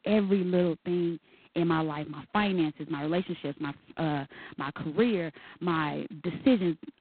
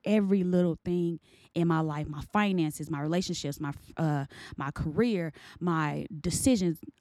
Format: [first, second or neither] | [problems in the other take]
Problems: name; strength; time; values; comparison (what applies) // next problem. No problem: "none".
second | phone-call audio; poor line; nothing above 4 kHz